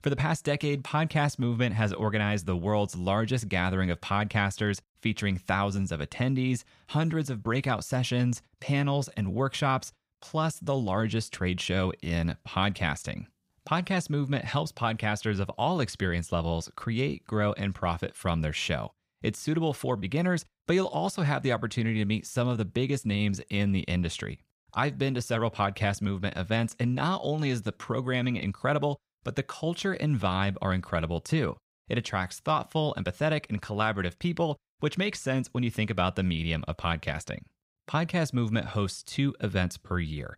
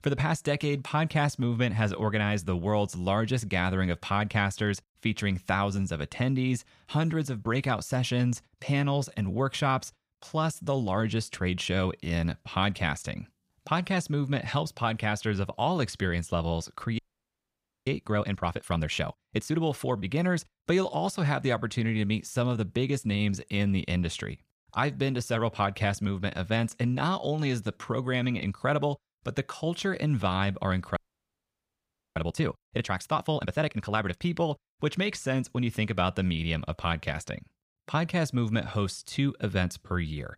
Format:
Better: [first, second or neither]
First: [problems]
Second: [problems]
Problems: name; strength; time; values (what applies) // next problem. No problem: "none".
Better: first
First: none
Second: audio freezing; at 17 s for 1 s and at 31 s for 1 s